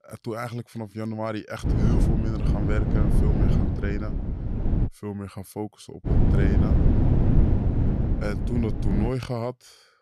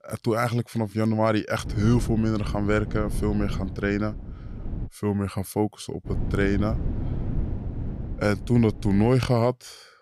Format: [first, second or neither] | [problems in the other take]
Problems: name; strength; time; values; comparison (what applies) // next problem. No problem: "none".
second | wind noise on the microphone; heavy; from 1.5 to 5 s and from 6 to 9 s; 1 dB above the speech; occasional gusts in the second